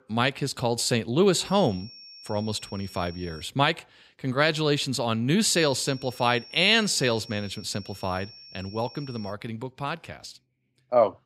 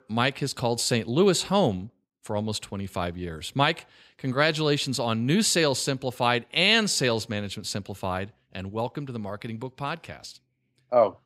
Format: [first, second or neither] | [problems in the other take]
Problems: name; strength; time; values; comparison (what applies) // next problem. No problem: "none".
second | high-pitched whine; noticeable; from 1.5 to 3.5 s and from 5.5 to 9.5 s; 5.5 kHz, 20 dB below the speech